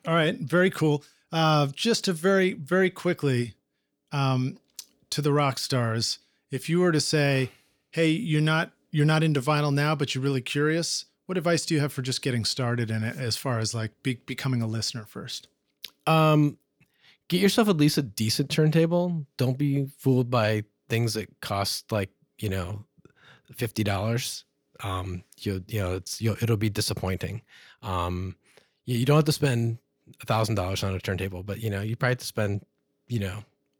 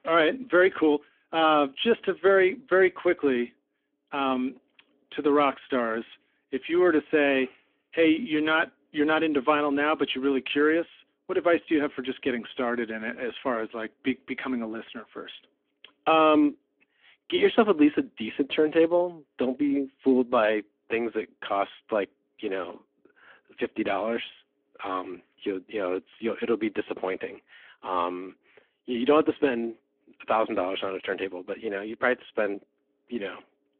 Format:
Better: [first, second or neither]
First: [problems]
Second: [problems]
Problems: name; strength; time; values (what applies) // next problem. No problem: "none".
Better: first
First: none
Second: phone-call audio; nothing above 3.5 kHz